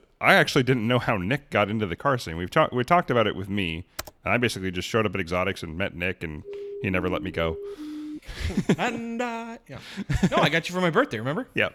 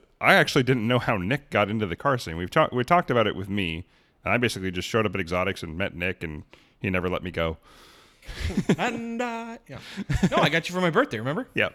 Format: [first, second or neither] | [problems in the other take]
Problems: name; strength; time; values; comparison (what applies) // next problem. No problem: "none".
second | keyboard typing; faint; at 4 s; peak 15 dB below the speech // siren; faint; from 6.5 to 8 s; peak 10 dB below the speech